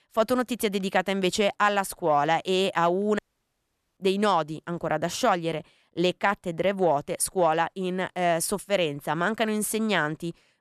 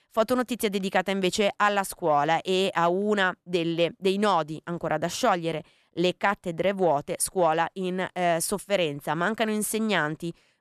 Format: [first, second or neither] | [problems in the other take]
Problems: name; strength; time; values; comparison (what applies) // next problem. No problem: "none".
second | audio cutting out; at 3 s for 1 s